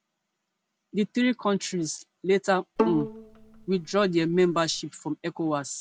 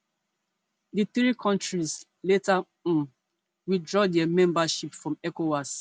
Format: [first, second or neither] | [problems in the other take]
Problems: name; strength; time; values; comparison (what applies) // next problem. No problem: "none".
second | background sound (Bowed string instrument); 6 dB below the speech